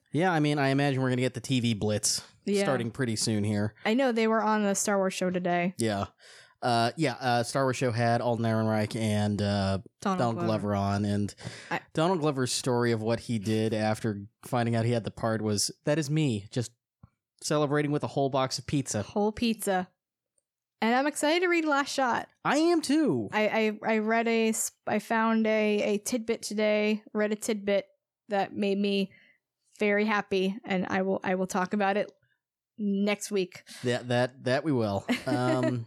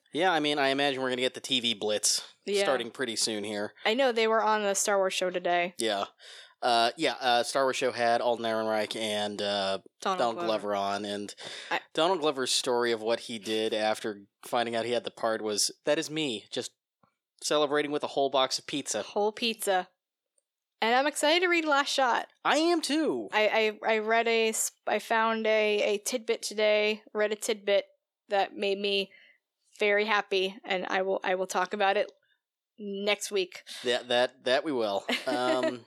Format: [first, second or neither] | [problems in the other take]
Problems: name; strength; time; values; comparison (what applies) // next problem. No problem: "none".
first | thin; somewhat; fading below 450 Hz